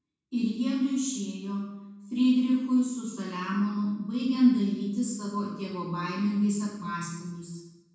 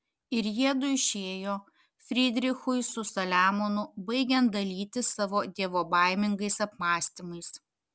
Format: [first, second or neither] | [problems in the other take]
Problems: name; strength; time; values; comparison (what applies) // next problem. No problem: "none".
second | room echo; dies away in 1.1 s